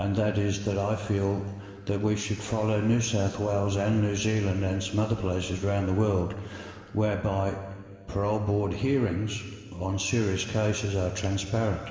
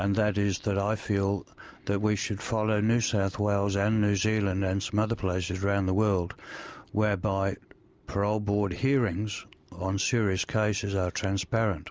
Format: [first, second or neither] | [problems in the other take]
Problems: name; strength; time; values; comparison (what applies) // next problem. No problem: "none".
second | room echo; dies away in 2.9 s